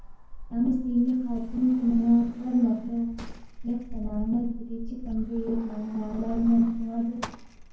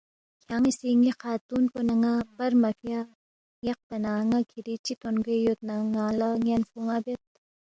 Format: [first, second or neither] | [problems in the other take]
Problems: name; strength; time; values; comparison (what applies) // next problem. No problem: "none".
second | background sound (Sliding door); 10 dB below the speech // room echo; dies away in 0.9 s